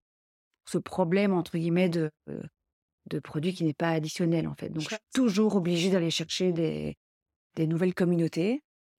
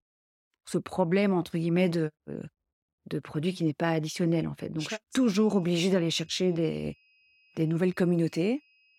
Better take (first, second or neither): first